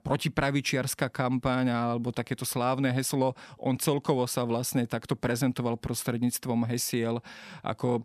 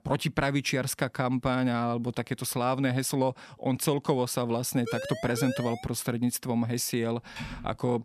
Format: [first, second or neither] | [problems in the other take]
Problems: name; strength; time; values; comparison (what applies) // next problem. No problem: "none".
first | siren; noticeable; from 5 to 6 s; peak 7 dB below the speech // keyboard typing; faint; at 7.5 s; peak 10 dB below the speech